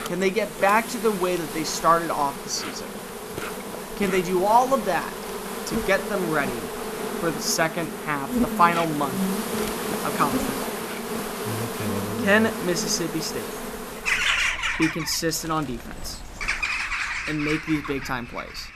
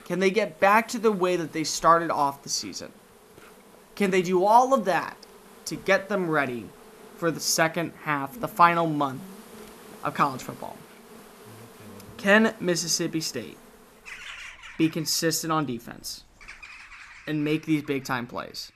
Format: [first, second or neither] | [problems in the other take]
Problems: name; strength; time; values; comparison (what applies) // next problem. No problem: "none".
second | animal sounds; loud; throughout; 4 dB below the speech; faint in the second